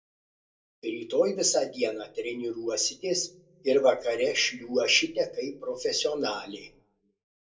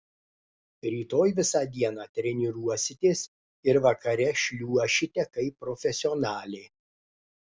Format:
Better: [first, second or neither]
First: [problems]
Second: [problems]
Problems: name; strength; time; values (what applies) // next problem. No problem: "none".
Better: second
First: room echo; dies away in 0.2 s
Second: none